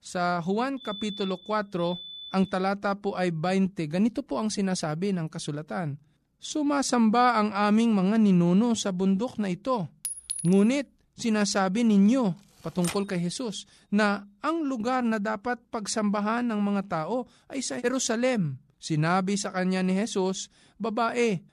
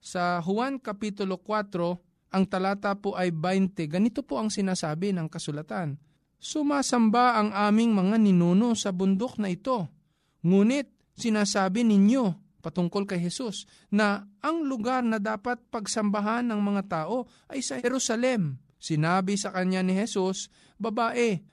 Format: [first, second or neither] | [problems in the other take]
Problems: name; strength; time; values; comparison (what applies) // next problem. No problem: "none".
second | alarm; faint; from 1 to 2.5 s; peak 10 dB below the speech // clattering dishes; noticeable; at 10 s; peak 5 dB below the speech // keyboard typing; noticeable; at 13 s; peak 9 dB below the speech